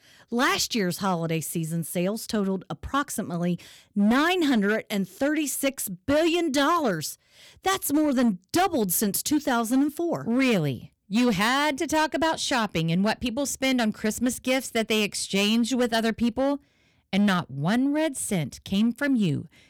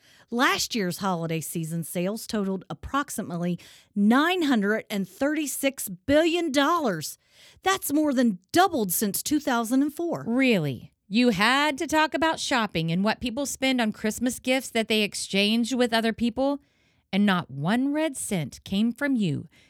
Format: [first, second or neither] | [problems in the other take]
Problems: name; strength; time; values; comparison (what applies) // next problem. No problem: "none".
second | distortion; slight; 6% of the sound clipped